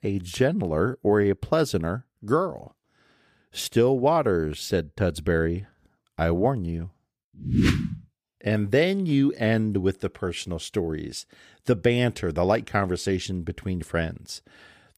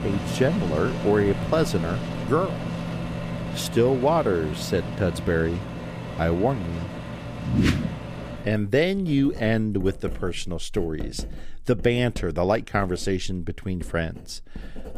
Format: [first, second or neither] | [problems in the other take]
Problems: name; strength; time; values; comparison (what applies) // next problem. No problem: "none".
first | household noises; loud; throughout; 8 dB below the speech